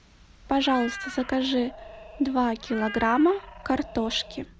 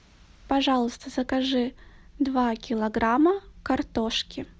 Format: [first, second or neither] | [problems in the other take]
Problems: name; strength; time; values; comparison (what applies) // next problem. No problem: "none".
second | background sound (Meow); 14 dB below the speech